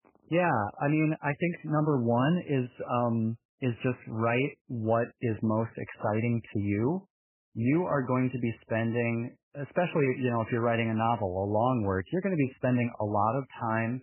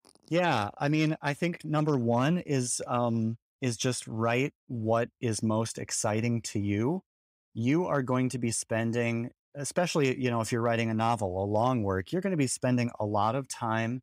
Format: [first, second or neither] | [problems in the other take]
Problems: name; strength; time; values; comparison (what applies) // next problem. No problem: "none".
second | garbled, watery; badly; nothing above 3 kHz